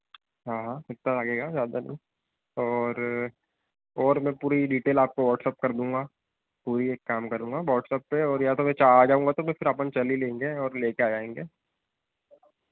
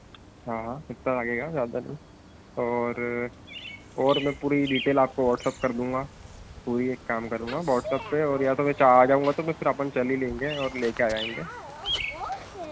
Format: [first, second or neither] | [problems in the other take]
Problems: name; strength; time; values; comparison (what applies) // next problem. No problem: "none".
first | background sound (Bird vocalization, bird call, bird song); 13 dB below the speech